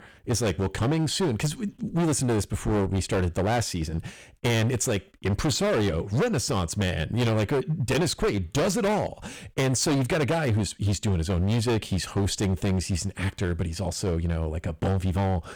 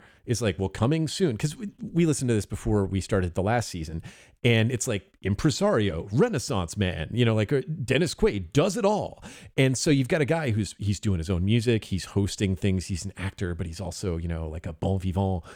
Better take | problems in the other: second | distortion; heavy; 19% of the sound clipped

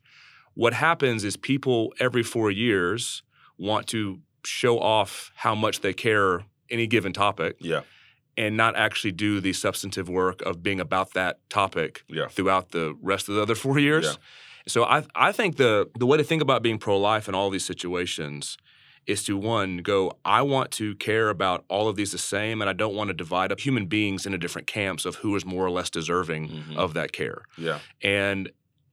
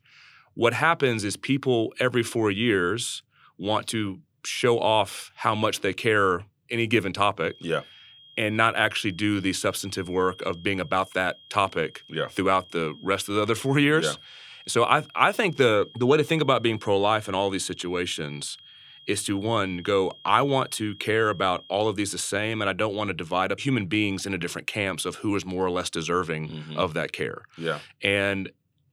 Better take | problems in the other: first | high-pitched whine; faint; from 7.5 to 22 s; 3.5 kHz, 20 dB below the speech

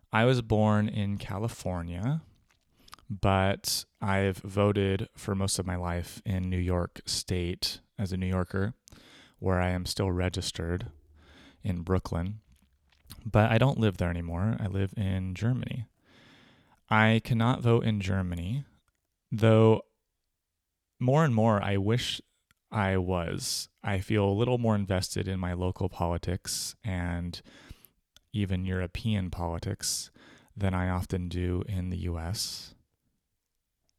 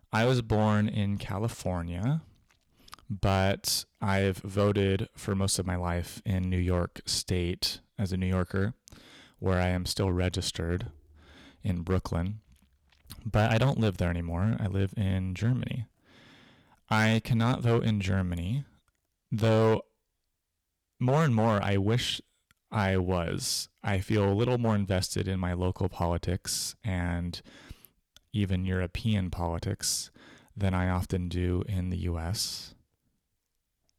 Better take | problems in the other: first | distortion; slight; 3% of the sound clipped

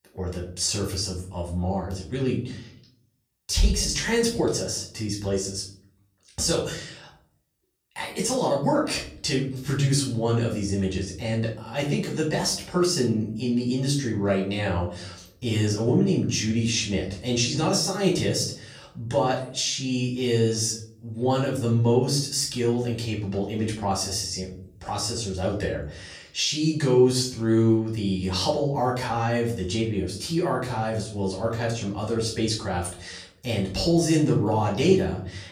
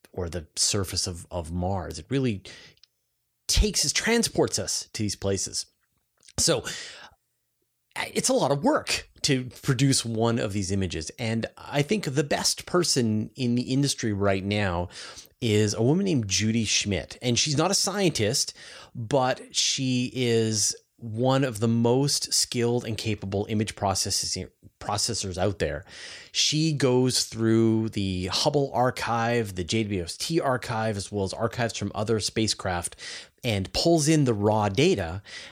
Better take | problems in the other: second | off-mic speech; far // room echo; slight; dies away in 0.5 s

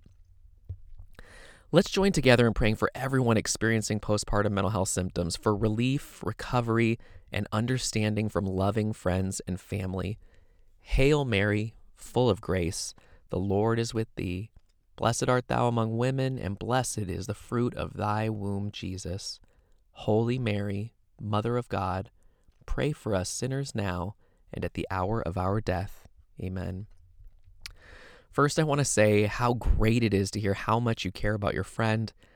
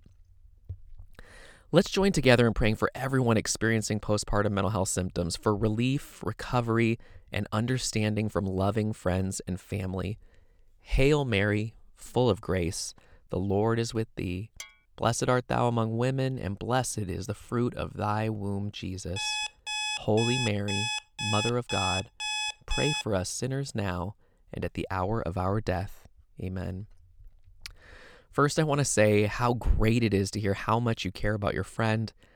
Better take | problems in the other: first | clattering dishes; faint; at 15 s; peak 15 dB below the speech // alarm; noticeable; from 19 to 23 s; peak 1 dB below the speech

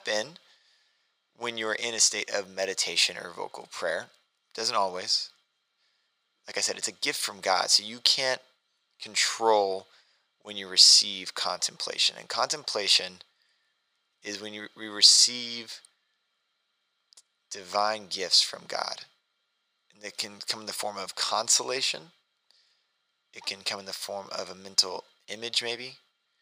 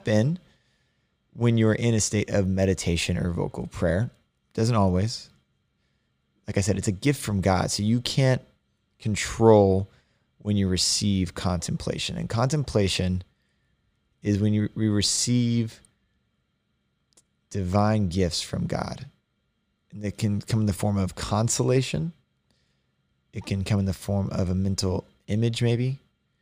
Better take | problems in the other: second | thin; very; fading below 850 Hz

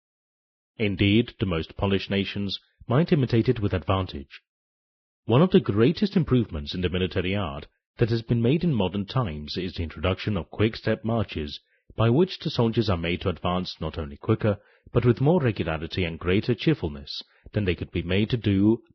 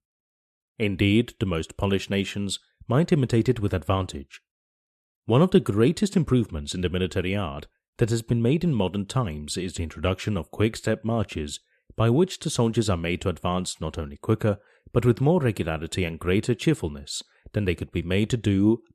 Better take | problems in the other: second | garbled, watery; badly; nothing above 5.5 kHz

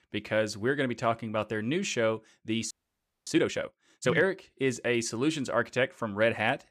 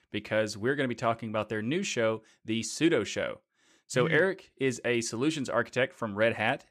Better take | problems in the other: second | audio freezing; at 2.5 s for 0.5 s

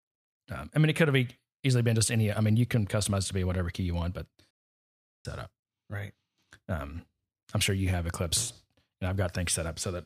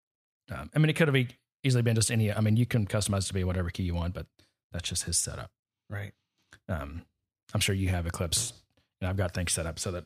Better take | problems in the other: second | audio cutting out; at 4.5 s for 0.5 s

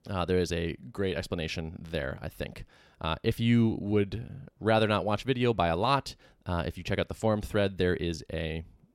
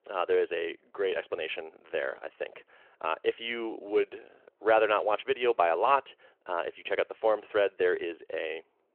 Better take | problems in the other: first | phone-call audio

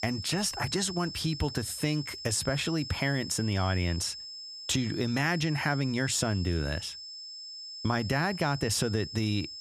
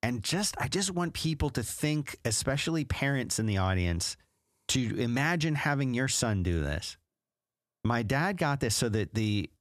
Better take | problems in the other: second | high-pitched whine; loud; throughout; 5 kHz, 10 dB below the speech

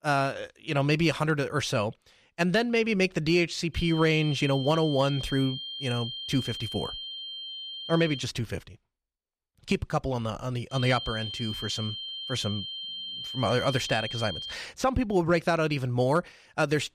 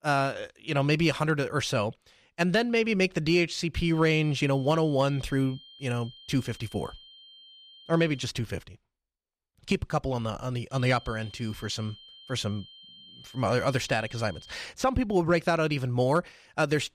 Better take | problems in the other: second | high-pitched whine; loud; from 4 to 8 s and from 11 to 15 s; 3 kHz, 7 dB below the speech; faint in the second

